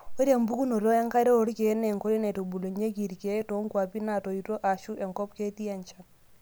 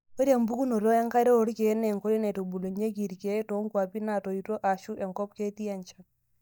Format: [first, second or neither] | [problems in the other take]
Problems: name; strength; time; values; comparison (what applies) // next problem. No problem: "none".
first | noise reduction (neural mask model DeepFilterNet 3)